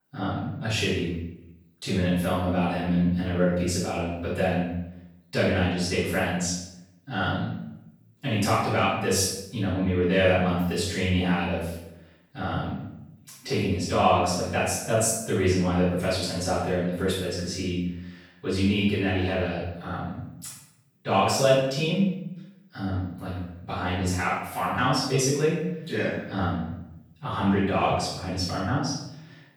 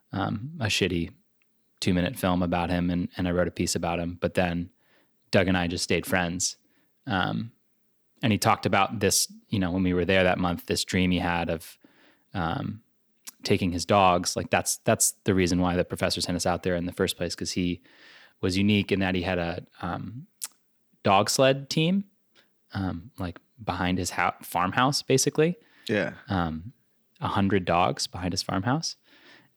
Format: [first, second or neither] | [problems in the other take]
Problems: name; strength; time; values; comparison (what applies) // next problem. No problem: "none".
second | room echo; strong; dies away in 0.7 s // off-mic speech; far